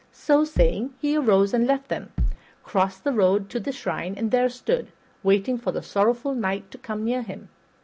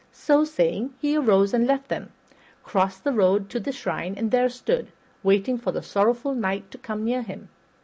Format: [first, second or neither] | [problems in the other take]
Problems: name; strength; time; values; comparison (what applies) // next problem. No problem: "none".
second | background sound (Bass drum); as loud as the speech